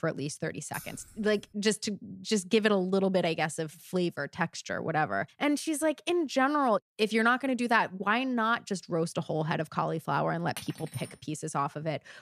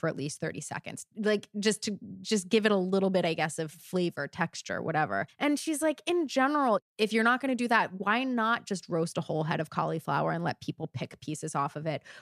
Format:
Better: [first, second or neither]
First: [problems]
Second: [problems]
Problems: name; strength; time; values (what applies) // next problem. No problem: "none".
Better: second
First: jangling keys; faint; at 0.5 s; peak 15 dB below the speech // clattering dishes; faint; at 11 s; peak 15 dB below the speech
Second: none